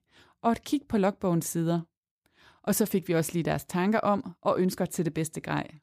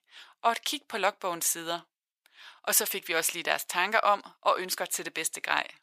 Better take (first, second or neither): first